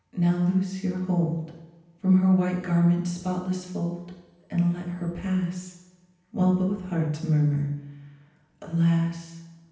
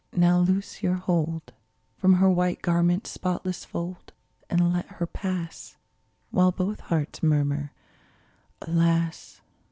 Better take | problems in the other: second | room echo; dies away in 0.9 s

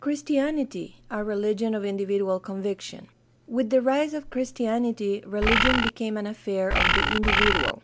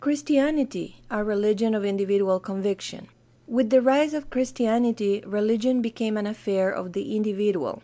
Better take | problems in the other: second | background sound (Bird); 5 dB above the speech

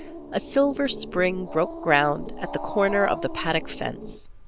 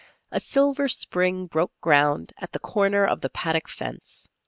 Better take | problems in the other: second | background sound (Growling); 9 dB below the speech

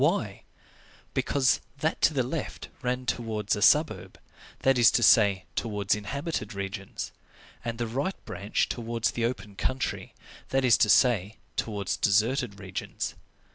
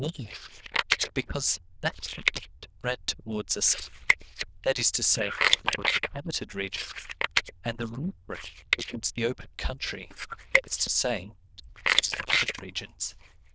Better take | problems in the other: first | noise reduction (neural diffusion model UNIVERSE++)

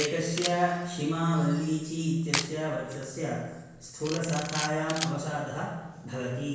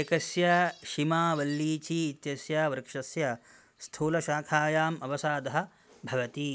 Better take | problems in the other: second | background sound (Camera); 10 dB below the speech // room echo; dies away in 1 s

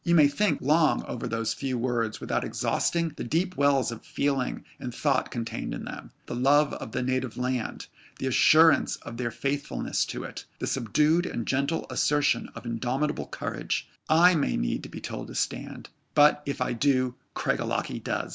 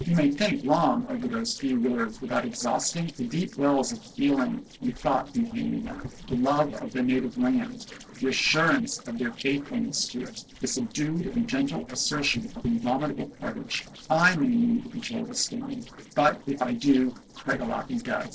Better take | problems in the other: first | noise reduction (neural separator model SepFormer DNS4)

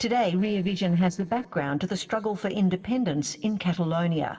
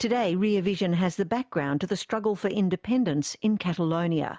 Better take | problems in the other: second | noise reduction (neural separator model SepFormer DNS4)

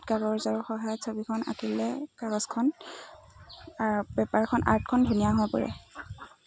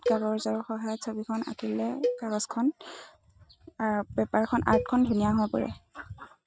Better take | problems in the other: first | noise reduction (neural mask model RNNoise)

